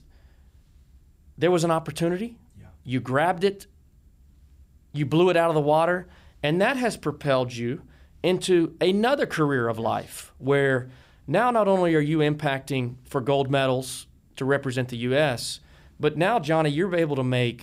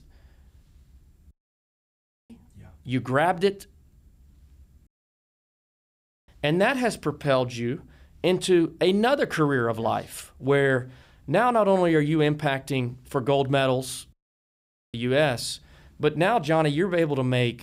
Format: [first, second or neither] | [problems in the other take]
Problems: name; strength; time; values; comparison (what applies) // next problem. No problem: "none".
first | audio cutting out; at 1.5 s for 1 s, at 5 s for 1.5 s and at 14 s for 1 s